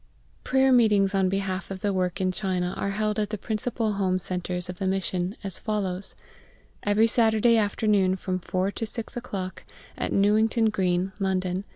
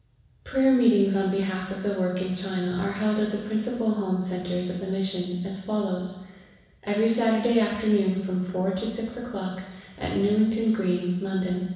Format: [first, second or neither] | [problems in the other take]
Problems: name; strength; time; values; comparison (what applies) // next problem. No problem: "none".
first | room echo; dies away in 1.1 s